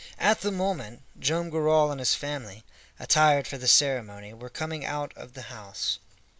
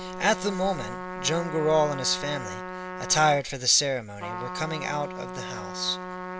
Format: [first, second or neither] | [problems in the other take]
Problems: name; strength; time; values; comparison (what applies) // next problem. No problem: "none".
first | background sound (Trumpet); 9 dB below the speech